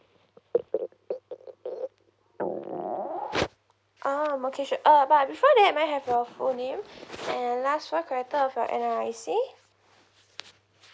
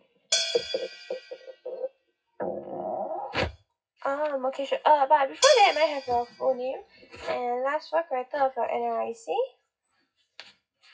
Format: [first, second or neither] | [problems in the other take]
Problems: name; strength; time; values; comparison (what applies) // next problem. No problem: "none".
first | noise reduction (classical method WPE with log-MMSE)